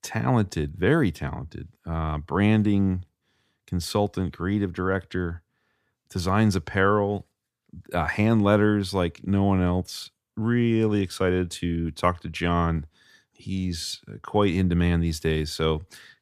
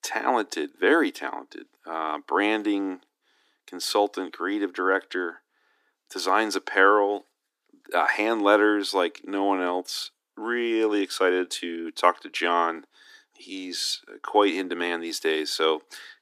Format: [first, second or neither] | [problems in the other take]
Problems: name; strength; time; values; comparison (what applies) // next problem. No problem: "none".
first | thin; very; fading below 300 Hz